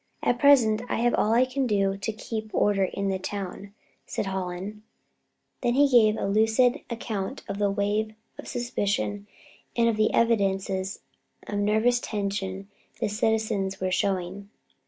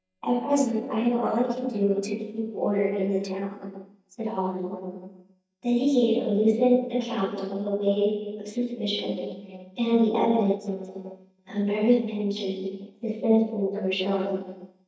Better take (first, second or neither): first